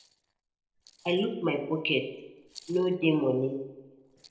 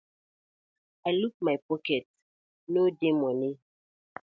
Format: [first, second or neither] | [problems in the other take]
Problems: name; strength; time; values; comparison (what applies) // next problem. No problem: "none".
second | noise reduction (neural separator model SepFormer DNS4)